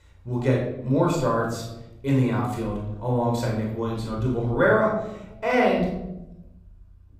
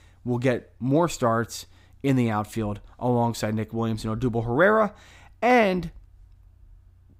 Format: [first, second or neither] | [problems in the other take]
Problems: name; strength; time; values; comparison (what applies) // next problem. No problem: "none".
second | off-mic speech; somewhat distant // room echo; noticeable; dies away in 0.8 s